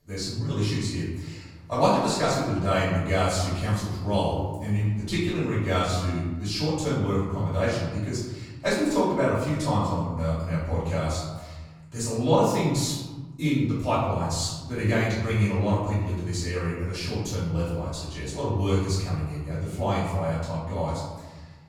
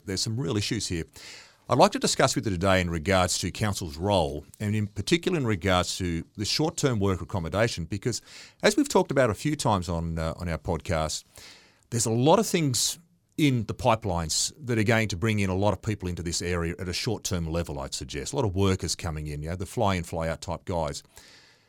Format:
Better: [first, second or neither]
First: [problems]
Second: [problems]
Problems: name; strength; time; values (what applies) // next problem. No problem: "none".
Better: second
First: off-mic speech; far // room echo; noticeable; dies away in 1.4 s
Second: none